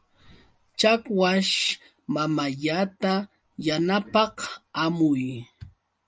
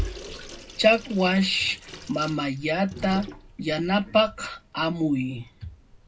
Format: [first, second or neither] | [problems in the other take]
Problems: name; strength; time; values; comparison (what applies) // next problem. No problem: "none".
first | background sound (Sink (filling or washing) / Water tap, faucet); 14 dB below the speech // room echo; dies away in 0.3 s